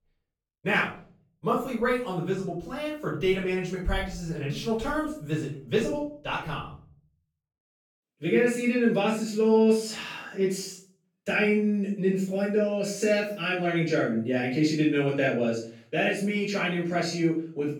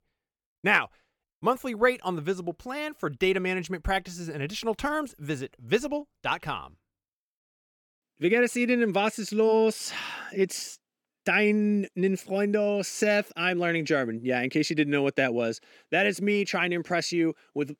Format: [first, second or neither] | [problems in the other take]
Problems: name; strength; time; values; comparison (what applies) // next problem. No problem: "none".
second | off-mic speech; far // room echo; noticeable; dies away in 0.5 s